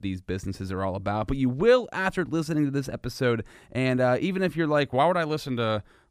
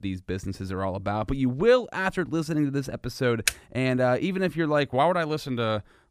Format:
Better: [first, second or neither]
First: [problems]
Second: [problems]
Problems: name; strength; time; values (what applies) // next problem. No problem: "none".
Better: first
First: none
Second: keyboard typing; very faint; at 3.5 s; peak 1 dB below the speech